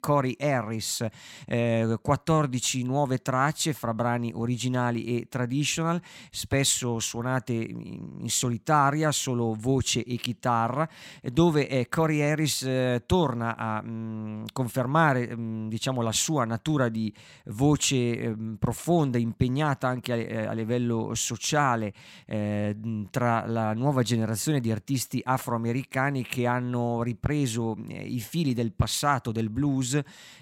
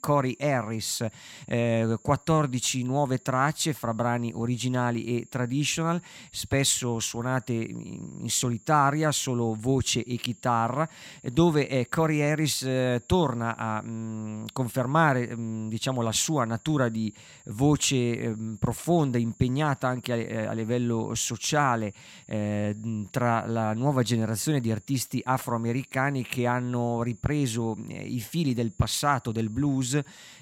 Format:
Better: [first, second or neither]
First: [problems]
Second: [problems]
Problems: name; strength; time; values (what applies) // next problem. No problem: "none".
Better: first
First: none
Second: high-pitched whine; faint; throughout; 7.5 kHz, 25 dB below the speech